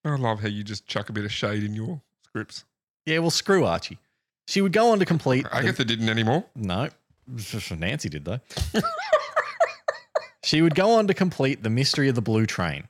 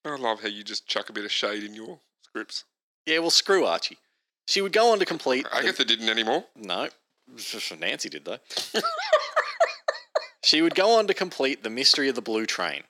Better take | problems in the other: first | thin; somewhat; fading below 300 Hz

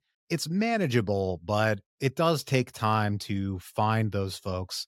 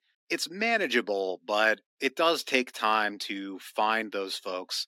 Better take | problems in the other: first | thin; somewhat; fading below 250 Hz

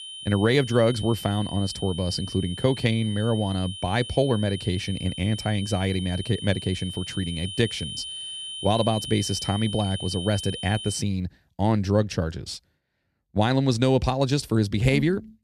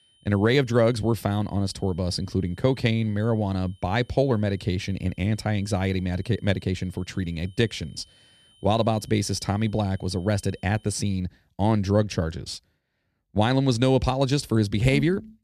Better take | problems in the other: second | high-pitched whine; loud; until 11 s; 3 kHz, 9 dB below the speech; faint in the second

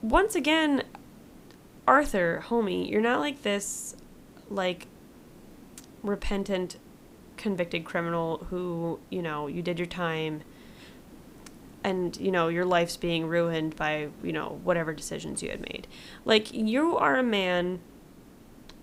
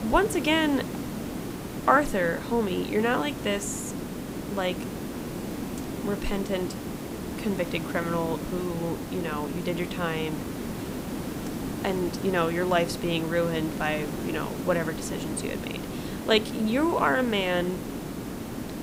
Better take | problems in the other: first | hiss; loud; throughout; 6 dB below the speech; faint in the first

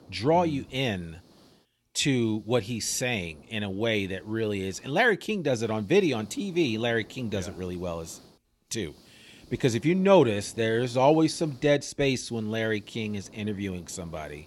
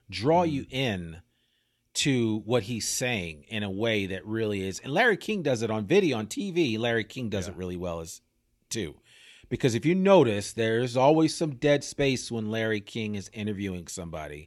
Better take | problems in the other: second | hiss; faint; throughout; 25 dB below the speech

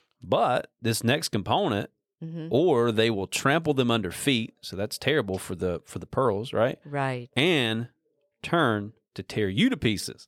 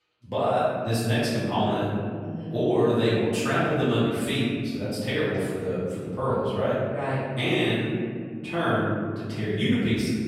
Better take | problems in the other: first | room echo; strong; dies away in 2.3 s // off-mic speech; far

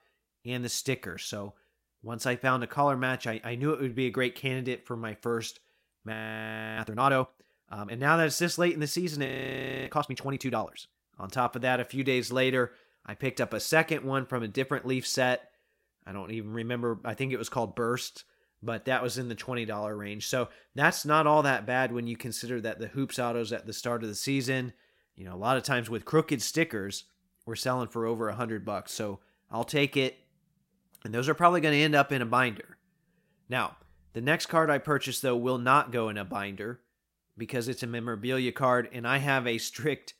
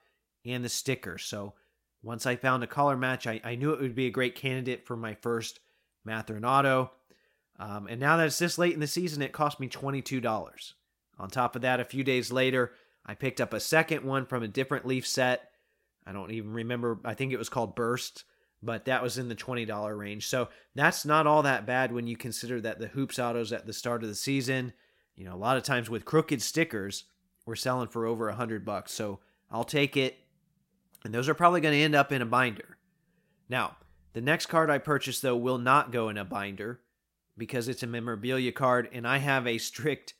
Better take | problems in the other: second | audio freezing; at 6 s for 0.5 s and at 9.5 s for 0.5 s

